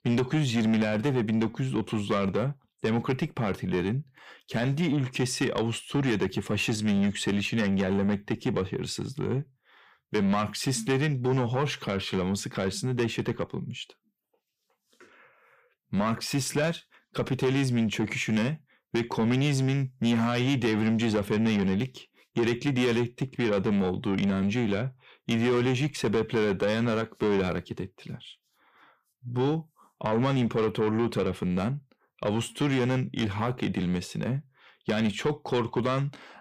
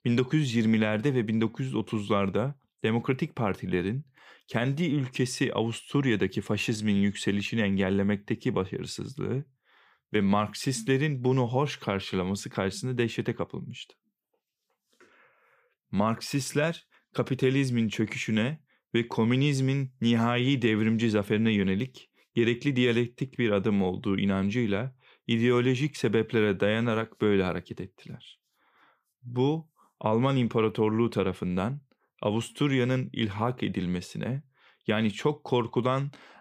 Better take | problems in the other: second | distortion; slight; 10 dB below the speech

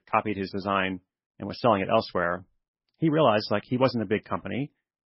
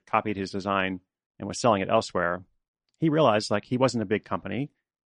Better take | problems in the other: second | garbled, watery; badly; nothing above 5.5 kHz; slightly in the second

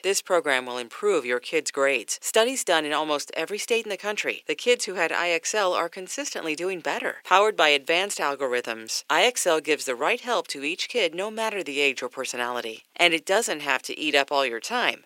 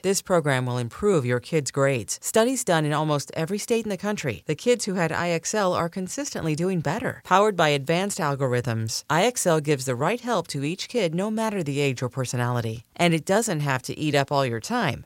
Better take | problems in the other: second | thin; somewhat; fading below 300 Hz

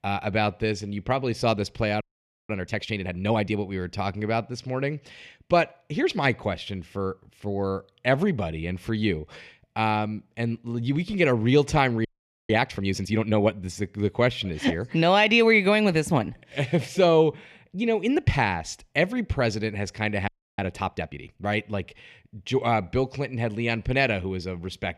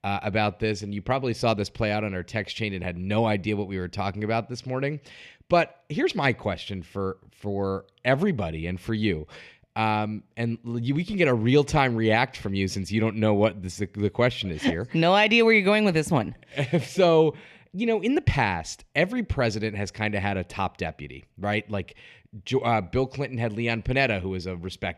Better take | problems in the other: second | audio freezing; at 2 s, at 12 s and at 20 s

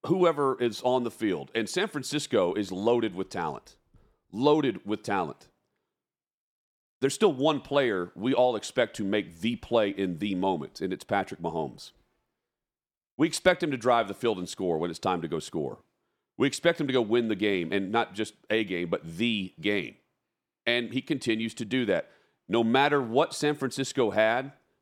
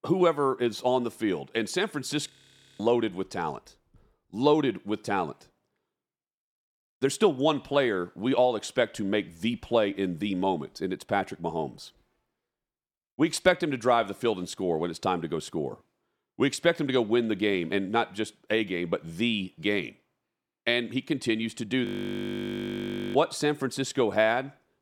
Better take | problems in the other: first | audio freezing; at 2.5 s for 0.5 s and at 22 s for 1.5 s

